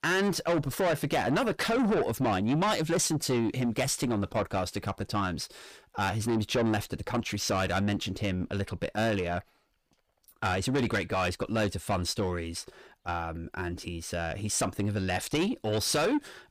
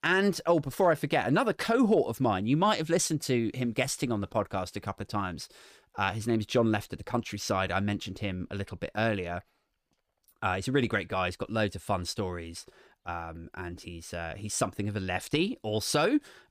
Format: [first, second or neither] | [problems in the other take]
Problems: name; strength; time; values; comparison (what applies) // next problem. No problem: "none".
second | distortion; heavy; 7 dB below the speech